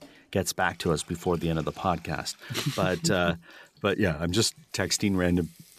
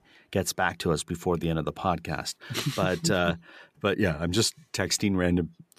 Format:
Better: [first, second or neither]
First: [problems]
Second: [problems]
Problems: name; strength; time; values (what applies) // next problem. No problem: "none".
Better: second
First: household noises; faint; throughout; 25 dB below the speech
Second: none